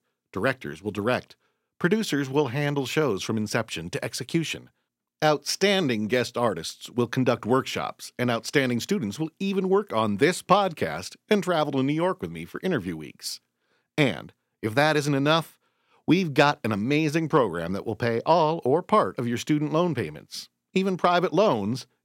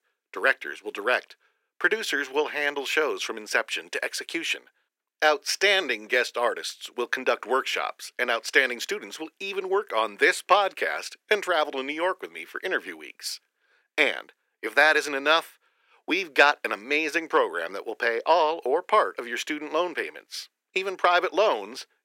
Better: first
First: none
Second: thin; very; fading below 400 Hz

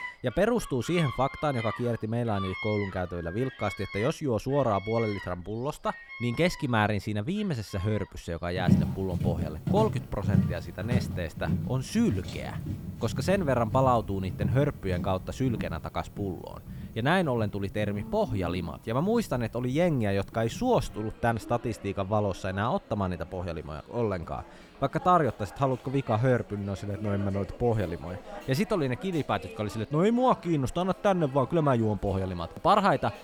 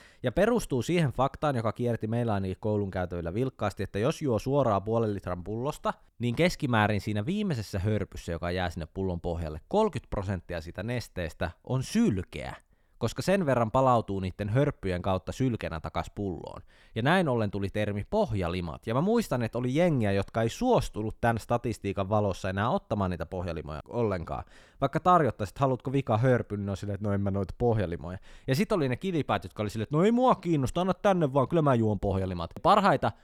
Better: second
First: animal sounds; loud; throughout; 8 dB below the speech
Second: none

